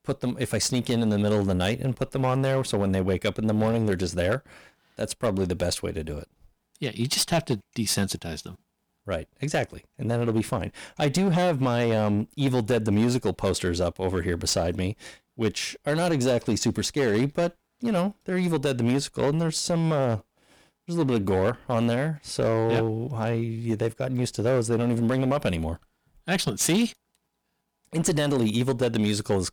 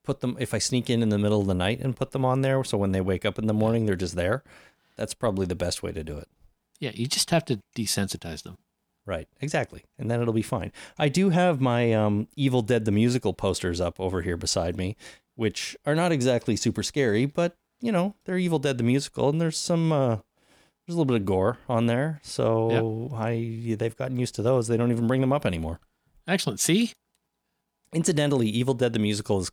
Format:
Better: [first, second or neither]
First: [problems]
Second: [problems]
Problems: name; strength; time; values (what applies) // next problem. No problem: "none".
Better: second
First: distortion; slight; 8% of the sound clipped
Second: none